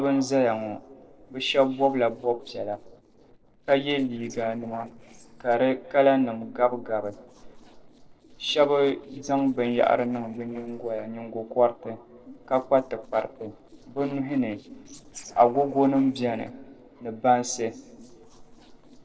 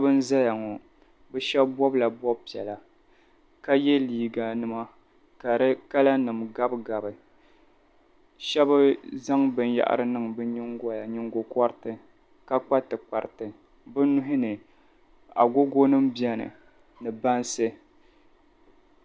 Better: second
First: noise reduction (neural separator model SepFormer DNS4)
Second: none

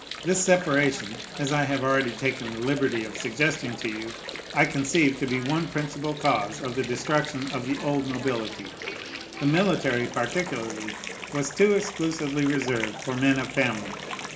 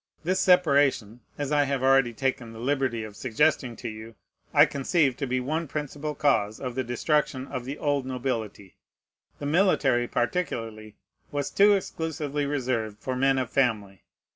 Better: second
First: background sound (Water); 10 dB below the speech // room echo; dies away in 0.4 s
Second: none

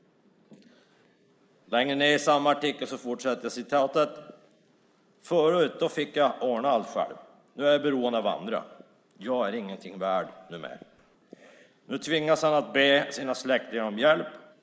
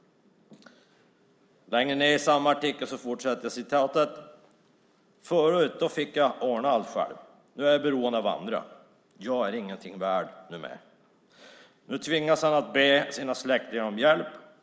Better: second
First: noise reduction (neural mask model Resemble Enhance denoiser)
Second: none

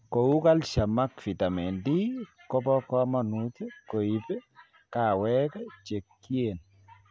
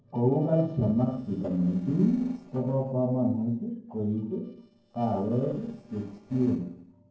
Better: first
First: none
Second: noise reduction (neural separator model SepFormer DNS4)

